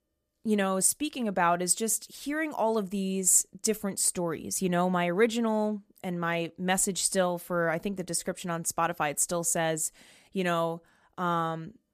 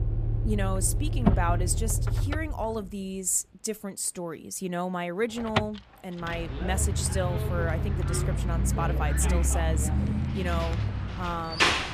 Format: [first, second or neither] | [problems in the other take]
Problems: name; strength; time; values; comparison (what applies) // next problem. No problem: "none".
first | traffic noise; very loud; throughout; 3 dB above the speech